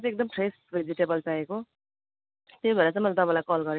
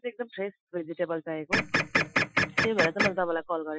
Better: first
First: none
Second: noise reduction (classical method Wiener filter)

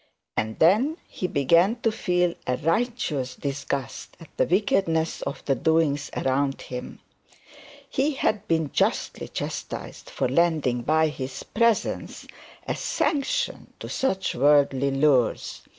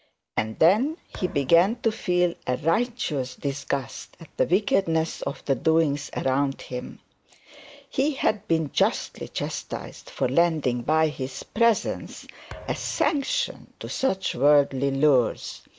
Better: first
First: none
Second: background sound (Thump, thud); 19 dB below the speech

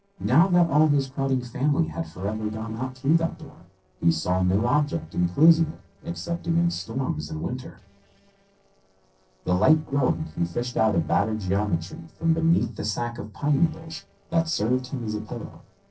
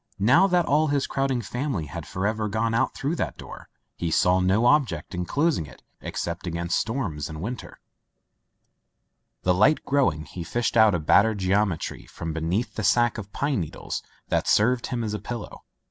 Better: second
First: noise reduction (neural separator model SepFormer DNS4)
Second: none

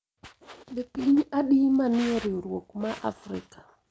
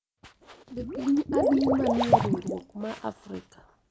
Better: first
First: none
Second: background sound (Liquid); as loud as the speech

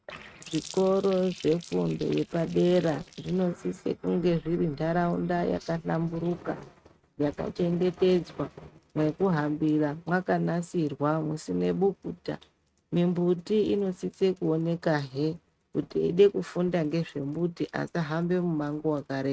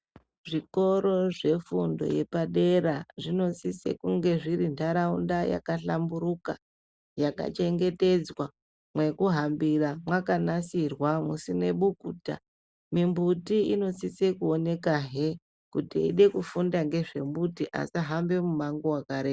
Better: second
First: noise reduction (neural mask model RNNoise)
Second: none

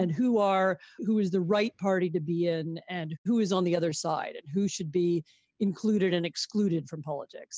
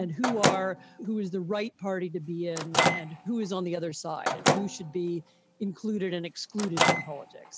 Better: first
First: none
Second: background sound (Microwave oven); 1 dB above the speech

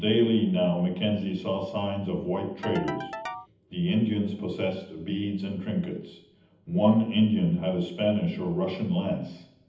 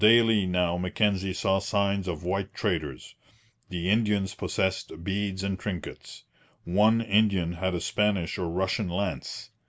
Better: second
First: background sound (Ringtone / Keyboard (musical)); 12 dB below the speech // room echo; dies away in 0.8 s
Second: none

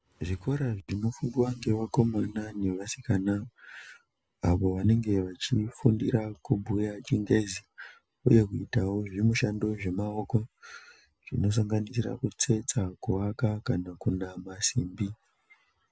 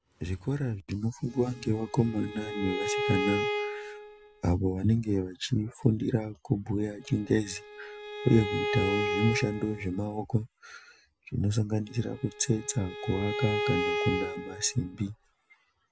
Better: first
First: none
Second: background sound (Bowed string instrument); 4 dB below the speech

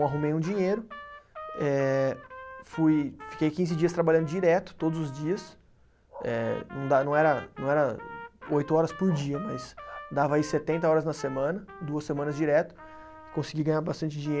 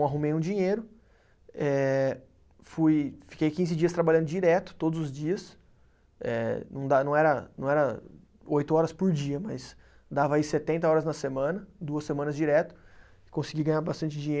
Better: second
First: background sound (Trumpet + Bark); 17 dB below the speech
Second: none

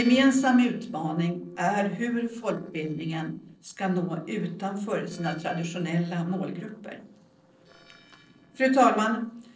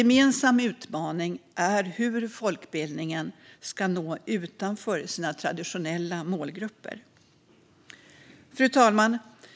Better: second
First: noise reduction (neural separator model SepFormer DNS4)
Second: none

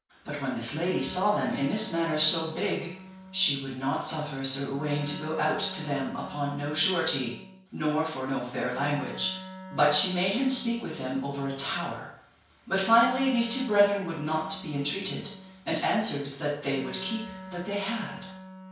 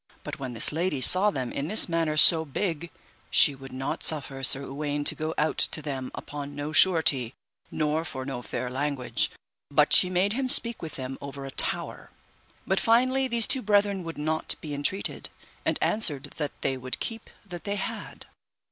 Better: second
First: background sound (Wind instrument, woodwind instrument); 15 dB below the speech // room echo; dies away in 0.5 s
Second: none

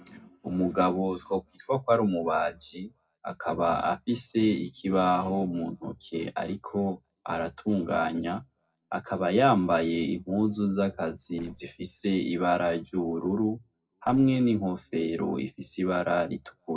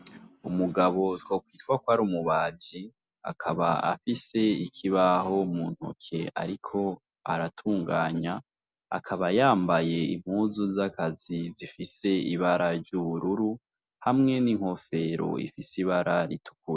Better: second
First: noise reduction (neural separator model SepFormer DNS4)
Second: none

